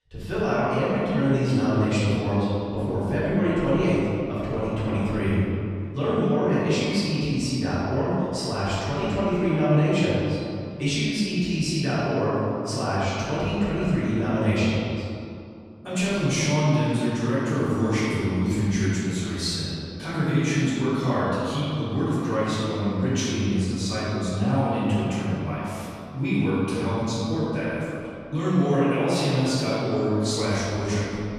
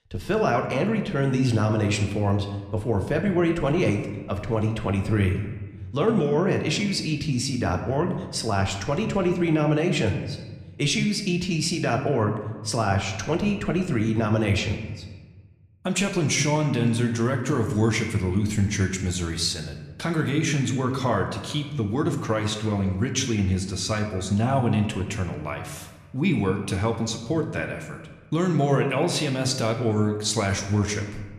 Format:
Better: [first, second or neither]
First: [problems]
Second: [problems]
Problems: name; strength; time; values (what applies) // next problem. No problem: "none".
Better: second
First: room echo; strong; dies away in 2.4 s // off-mic speech; far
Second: room echo; slight; dies away in 0.9 s